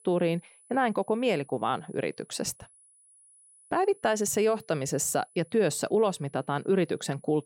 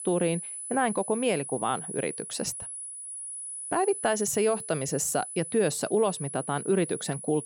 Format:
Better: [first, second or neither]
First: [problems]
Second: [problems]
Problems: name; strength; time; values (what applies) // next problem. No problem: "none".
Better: first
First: high-pitched whine; faint; throughout; 10 kHz, 30 dB below the speech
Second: high-pitched whine; loud; throughout; 10 kHz, 7 dB below the speech